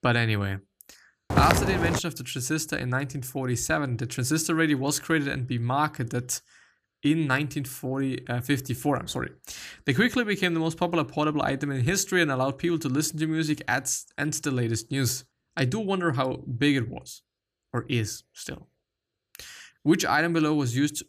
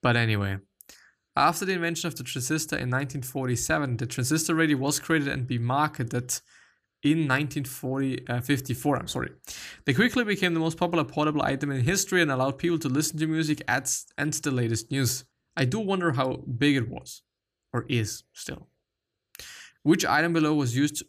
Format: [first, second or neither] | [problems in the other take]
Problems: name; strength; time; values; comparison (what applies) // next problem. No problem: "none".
second | footsteps; loud; at 1.5 s; peak 4 dB above the speech